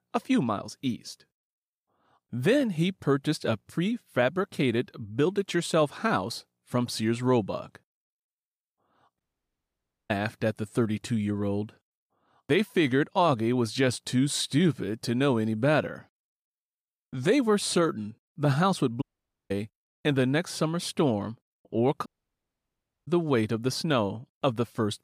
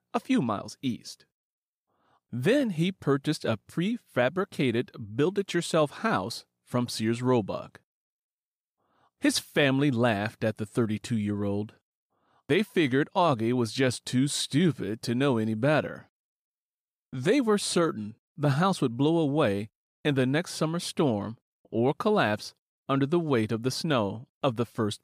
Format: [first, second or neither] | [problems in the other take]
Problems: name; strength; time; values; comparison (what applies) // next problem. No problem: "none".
second | audio cutting out; at 9 s for 1 s, at 19 s and at 22 s for 1 s